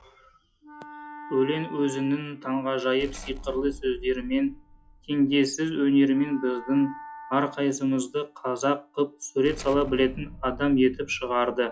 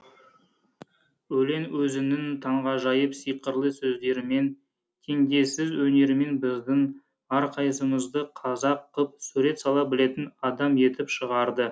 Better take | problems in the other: second | noise reduction (classical method log-MMSE)

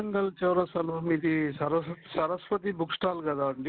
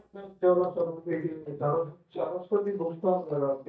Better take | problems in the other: first | noise reduction (neural mask model DeepFilterNet 3)

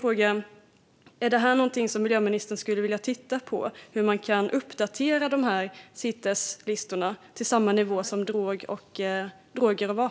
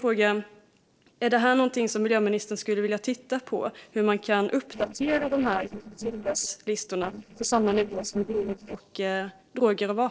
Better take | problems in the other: first | noise reduction (neural separator model SepFormer DNS4)

